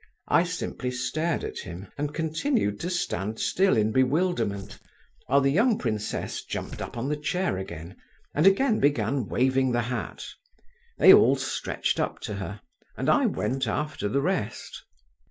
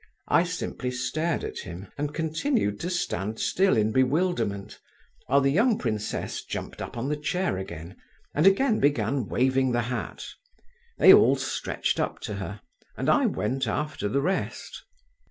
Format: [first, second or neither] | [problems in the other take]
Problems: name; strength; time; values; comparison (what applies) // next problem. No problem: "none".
second | noise reduction (neural mask model Resemble Enhance denoiser)